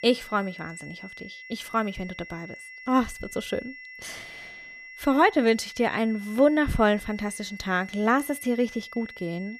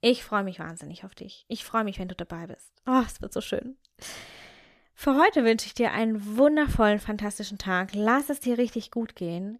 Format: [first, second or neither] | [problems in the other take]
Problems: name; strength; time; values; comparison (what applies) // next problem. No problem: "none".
second | high-pitched whine; noticeable; throughout; 2 kHz, 15 dB below the speech